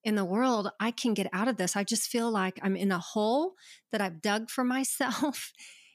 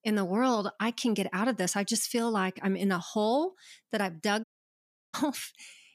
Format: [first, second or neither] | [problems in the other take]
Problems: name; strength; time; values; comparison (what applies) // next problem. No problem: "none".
first | audio cutting out; at 4.5 s for 0.5 s